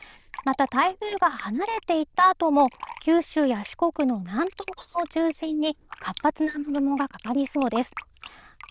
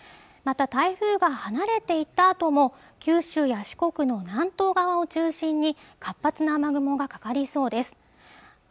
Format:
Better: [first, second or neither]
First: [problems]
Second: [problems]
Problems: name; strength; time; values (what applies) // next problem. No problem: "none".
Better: second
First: noise reduction (neural diffusion model UNIVERSE++)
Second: none